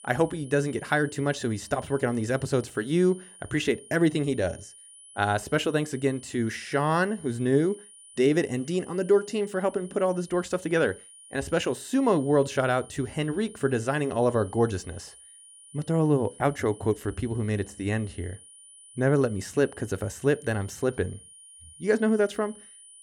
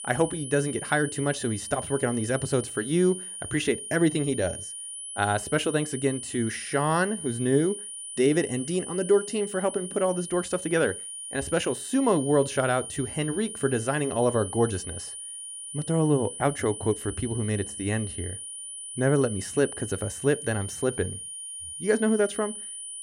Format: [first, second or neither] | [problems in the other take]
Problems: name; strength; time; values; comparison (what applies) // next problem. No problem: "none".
first | high-pitched whine; loud; throughout; 9.5 kHz, 8 dB below the speech; faint in the first